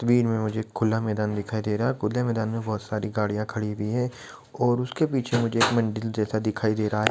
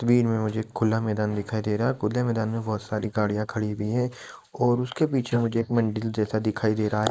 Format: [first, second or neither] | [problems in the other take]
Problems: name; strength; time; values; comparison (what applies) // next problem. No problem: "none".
first | noise reduction (neural mask model Resemble Enhance denoiser)